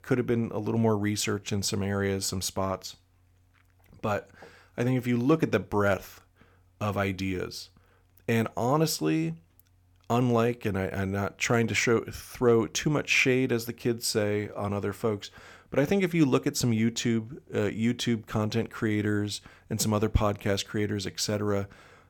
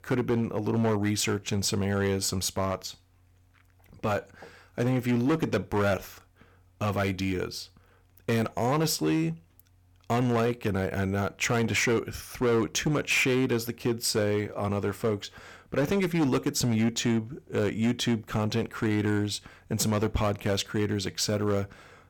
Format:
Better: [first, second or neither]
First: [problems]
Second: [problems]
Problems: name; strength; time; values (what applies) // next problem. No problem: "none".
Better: first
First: none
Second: distortion; slight; 8% of the sound clipped